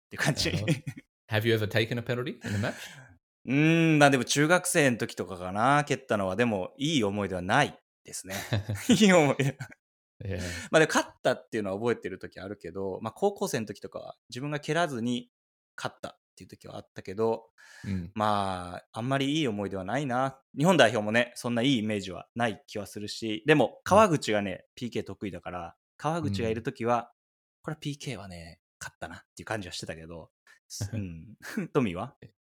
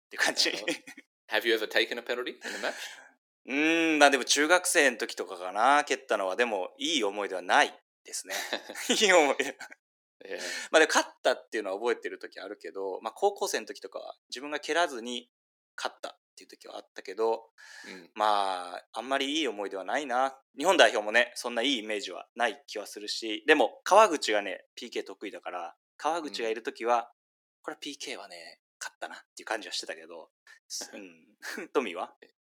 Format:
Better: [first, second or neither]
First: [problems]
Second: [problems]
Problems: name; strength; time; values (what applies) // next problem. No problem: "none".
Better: first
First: none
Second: thin; somewhat; fading below 300 Hz